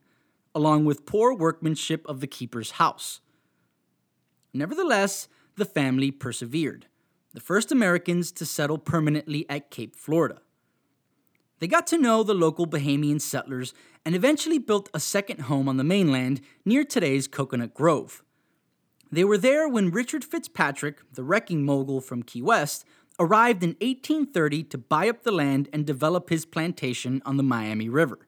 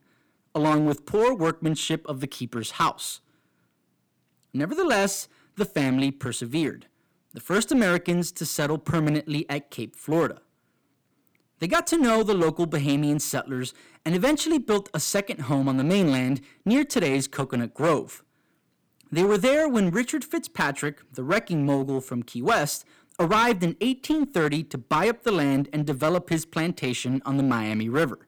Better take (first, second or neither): first